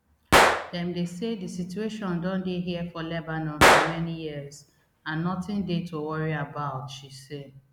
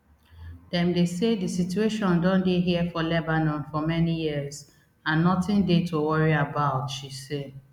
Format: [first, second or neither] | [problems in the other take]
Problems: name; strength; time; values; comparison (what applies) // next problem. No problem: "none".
second | background sound (Gunshot, gunfire); 4 dB above the speech